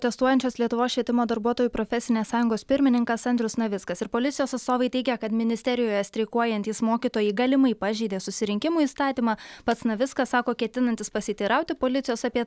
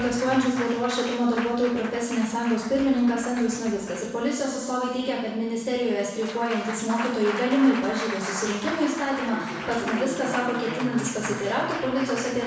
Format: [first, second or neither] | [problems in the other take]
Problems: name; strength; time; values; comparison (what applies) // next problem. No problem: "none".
first | background sound (Applause); 10 dB below the speech // room echo; dies away in 1 s